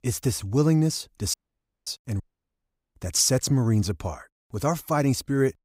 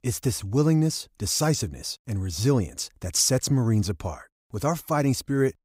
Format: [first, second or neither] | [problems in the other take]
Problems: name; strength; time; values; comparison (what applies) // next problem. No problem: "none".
second | audio cutting out; at 1.5 s for 0.5 s and at 2 s for 1 s